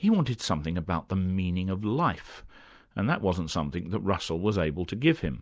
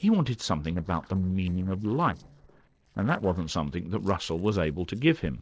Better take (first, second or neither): first